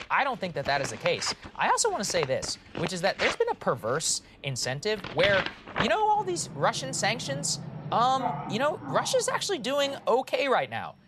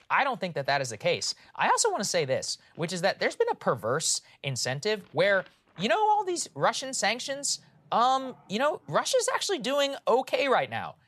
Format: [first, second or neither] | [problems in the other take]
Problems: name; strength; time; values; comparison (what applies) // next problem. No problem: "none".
second | household noises; loud; throughout; 8 dB below the speech; faint in the second